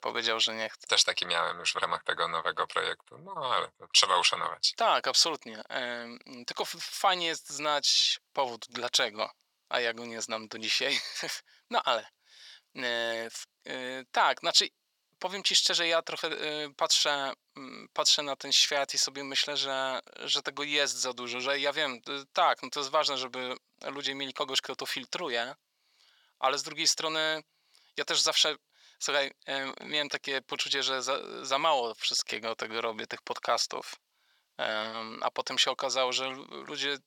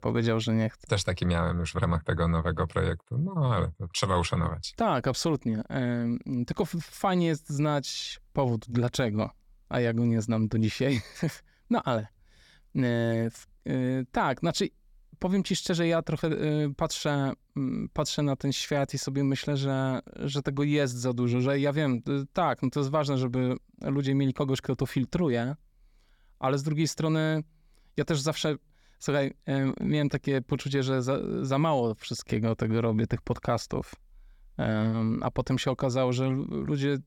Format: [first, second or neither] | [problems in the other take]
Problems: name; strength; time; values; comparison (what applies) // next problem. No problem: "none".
second | thin; very; fading below 800 Hz